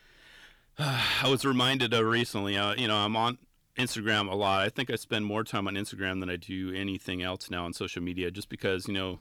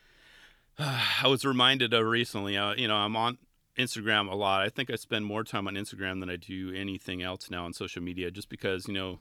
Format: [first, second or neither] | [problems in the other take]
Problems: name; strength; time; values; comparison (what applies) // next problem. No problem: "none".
second | distortion; slight; 10 dB below the speech